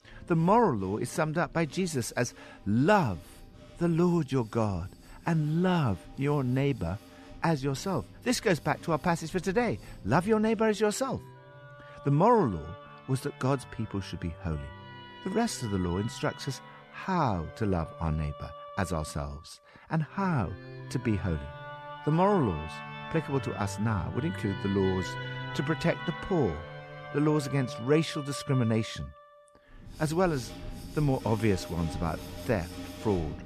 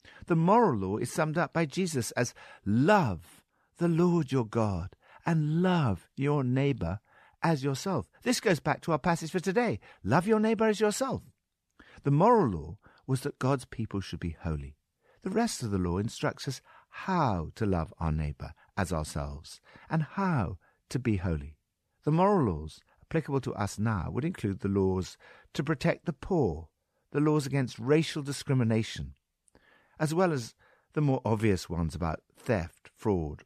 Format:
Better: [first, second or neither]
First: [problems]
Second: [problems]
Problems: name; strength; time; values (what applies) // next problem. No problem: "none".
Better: second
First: background music; noticeable; throughout; 15 dB below the speech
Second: none